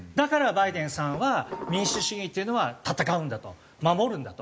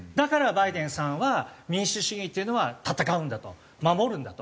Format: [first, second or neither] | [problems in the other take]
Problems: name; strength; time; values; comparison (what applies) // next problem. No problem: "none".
second | background sound (Dishes, pots, and pans); 10 dB below the speech